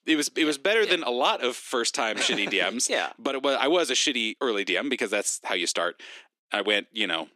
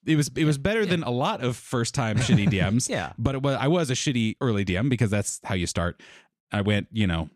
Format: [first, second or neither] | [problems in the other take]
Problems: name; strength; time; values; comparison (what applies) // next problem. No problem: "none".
second | thin; very; fading below 300 Hz